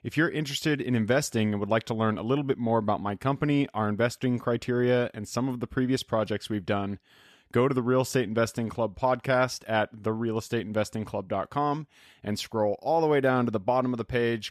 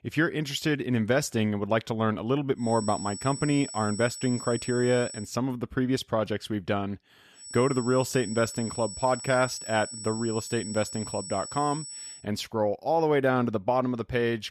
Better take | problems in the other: first | high-pitched whine; loud; from 2.5 to 5 s and from 7.5 to 12 s; 8 kHz, 10 dB below the speech

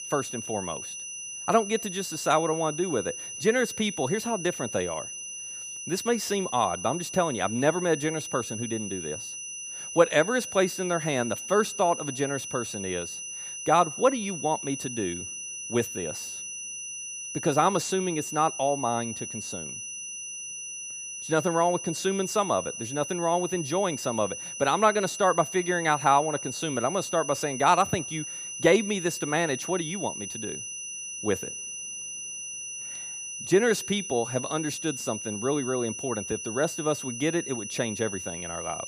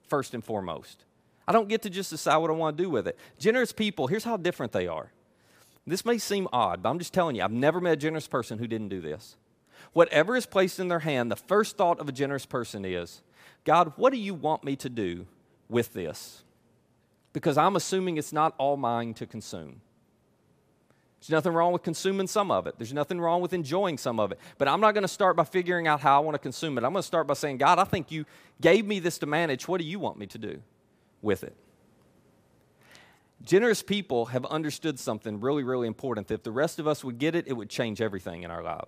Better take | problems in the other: second | high-pitched whine; loud; throughout; 6 kHz, 7 dB below the speech

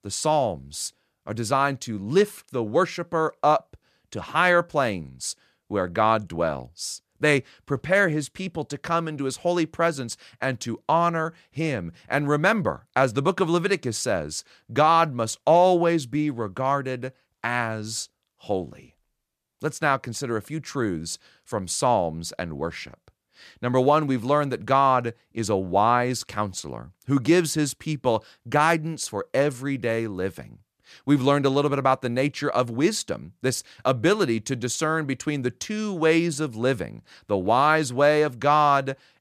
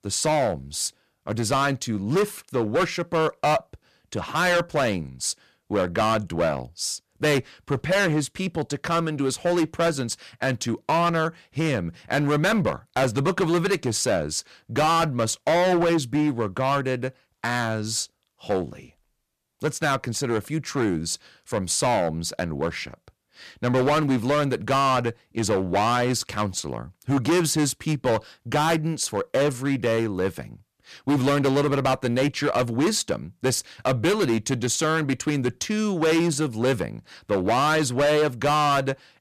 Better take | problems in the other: first | distortion; heavy; 12% of the sound clipped

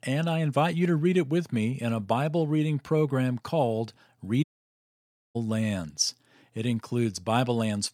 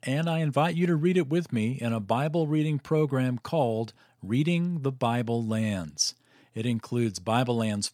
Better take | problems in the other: second | audio cutting out; at 4.5 s for 1 s

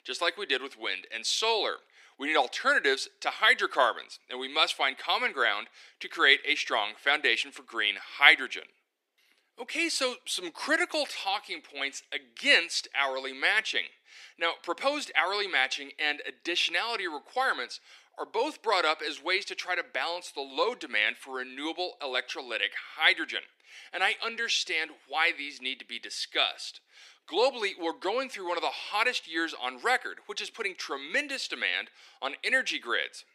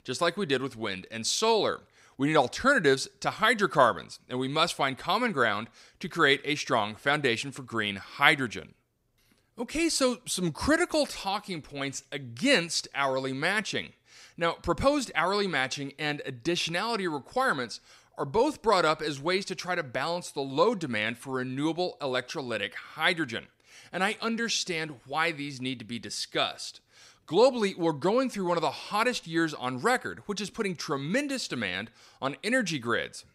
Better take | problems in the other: second | thin; somewhat; fading below 300 Hz

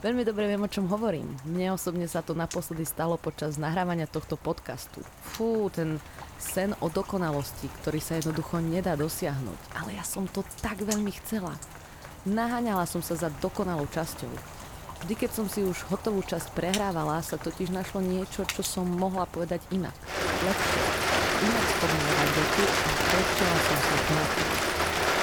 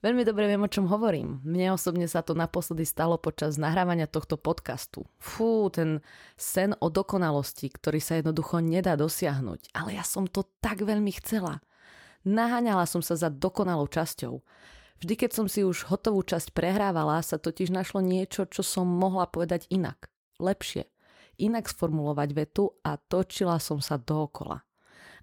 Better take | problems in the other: second | rain or running water; very loud; throughout; 3 dB above the speech

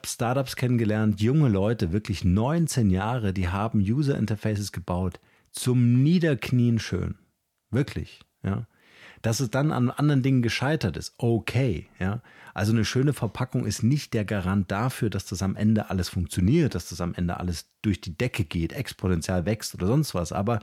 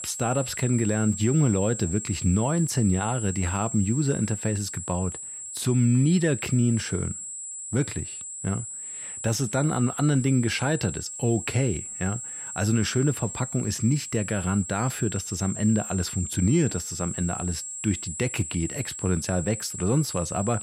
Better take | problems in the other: first | high-pitched whine; loud; throughout; 7.5 kHz, 7 dB below the speech

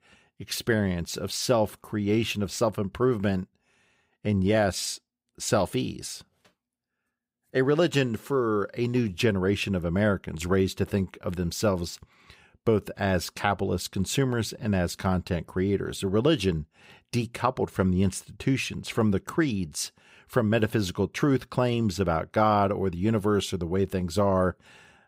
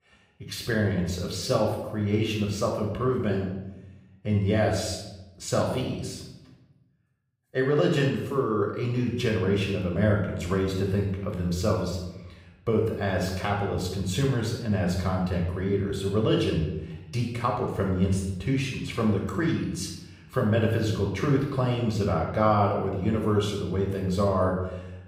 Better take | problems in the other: first | off-mic speech; far // room echo; noticeable; dies away in 0.9 s

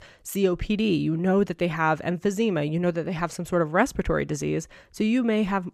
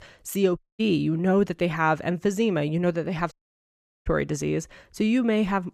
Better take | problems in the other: first | audio cutting out; at 0.5 s and at 3.5 s for 0.5 s

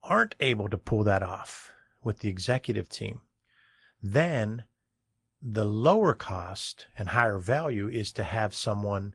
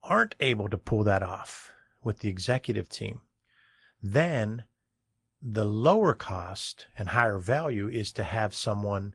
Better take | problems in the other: neither | garbled, watery; slightly; nothing above 10 kHz; the same in both

